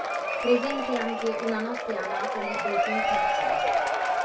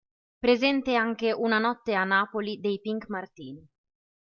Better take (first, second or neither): second